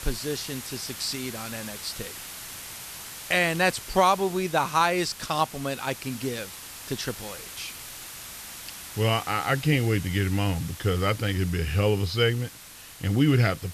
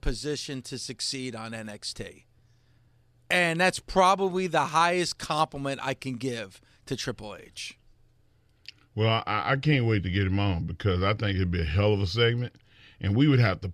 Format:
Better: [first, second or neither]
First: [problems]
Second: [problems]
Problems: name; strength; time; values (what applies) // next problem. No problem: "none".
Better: second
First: hiss; noticeable; throughout; 10 dB below the speech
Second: none